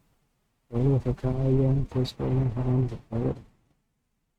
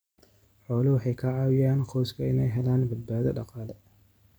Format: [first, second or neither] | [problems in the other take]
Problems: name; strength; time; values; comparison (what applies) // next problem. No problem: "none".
second | noise reduction (neural mask model RNNoise)